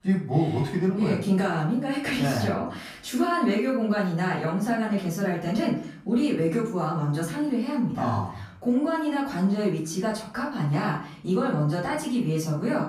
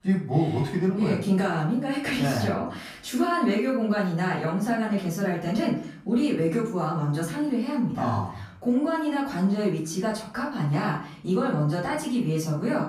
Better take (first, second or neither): neither